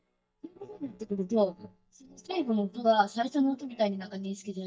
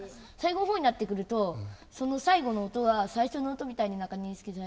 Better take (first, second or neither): second